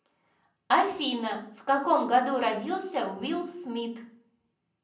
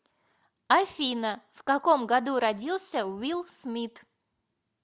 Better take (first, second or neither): second